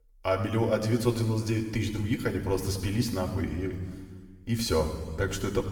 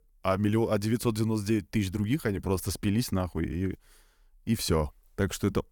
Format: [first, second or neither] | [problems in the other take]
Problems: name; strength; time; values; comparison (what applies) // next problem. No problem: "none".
second | room echo; noticeable; dies away in 1.5 s // off-mic speech; somewhat distant